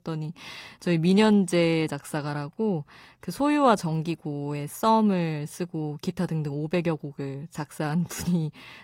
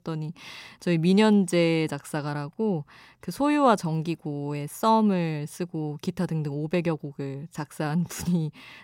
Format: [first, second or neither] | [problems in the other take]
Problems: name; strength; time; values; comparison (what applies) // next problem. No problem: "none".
second | garbled, watery; slightly; nothing above 16 kHz